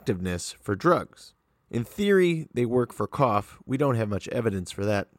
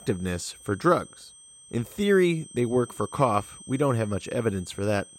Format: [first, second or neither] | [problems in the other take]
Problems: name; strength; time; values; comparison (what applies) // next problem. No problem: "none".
first | high-pitched whine; noticeable; throughout; 8.5 kHz, 20 dB below the speech